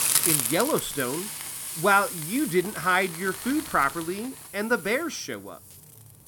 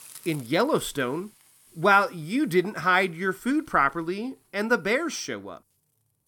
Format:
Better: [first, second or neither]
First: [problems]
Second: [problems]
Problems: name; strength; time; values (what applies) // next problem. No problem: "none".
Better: second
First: hiss; loud; throughout; 3 dB below the speech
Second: hiss; faint; throughout; 25 dB below the speech